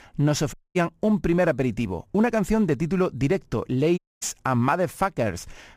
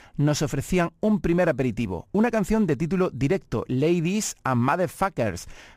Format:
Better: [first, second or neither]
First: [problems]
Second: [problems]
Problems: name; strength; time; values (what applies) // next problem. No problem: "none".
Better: second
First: audio cutting out; at 0.5 s and at 4 s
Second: none